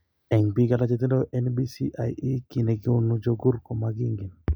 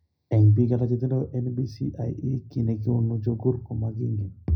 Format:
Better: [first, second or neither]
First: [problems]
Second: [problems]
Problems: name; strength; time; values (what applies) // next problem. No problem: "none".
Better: first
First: none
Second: room echo; dies away in 0.4 s